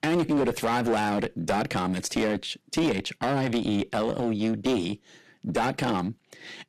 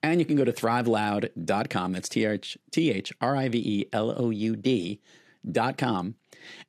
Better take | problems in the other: second | distortion; heavy; 13% of the sound clipped

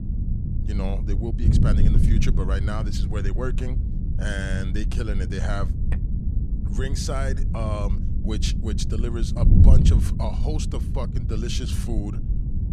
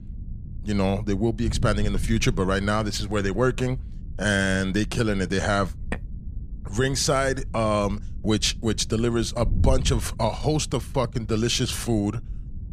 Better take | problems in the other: second | wind noise on the microphone; heavy; 4 dB below the speech; occasional gusts in the second

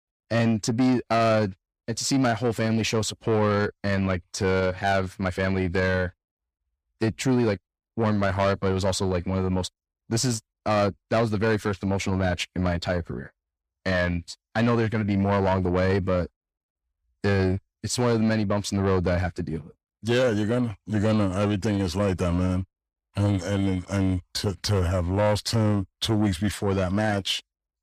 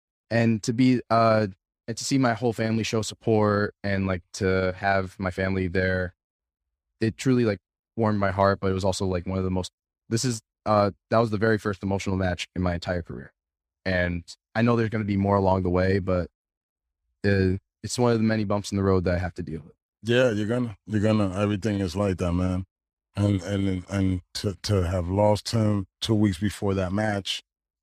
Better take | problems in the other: second | distortion; slight; 10 dB below the speech

